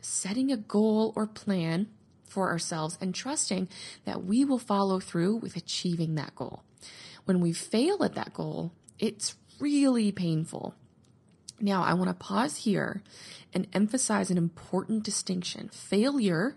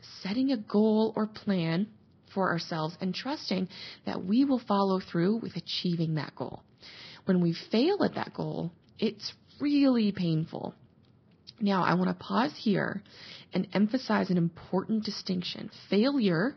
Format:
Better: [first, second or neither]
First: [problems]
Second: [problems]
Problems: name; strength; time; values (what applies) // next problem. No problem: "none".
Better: first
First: garbled, watery; slightly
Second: garbled, watery; badly; nothing above 5.5 kHz